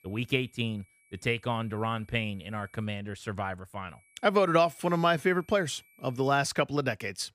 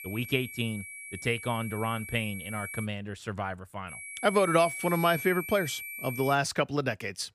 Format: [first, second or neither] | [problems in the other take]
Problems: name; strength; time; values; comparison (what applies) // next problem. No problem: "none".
first | high-pitched whine; loud; until 3 s and from 4 to 6.5 s; 2.5 kHz, 9 dB below the speech; faint in the first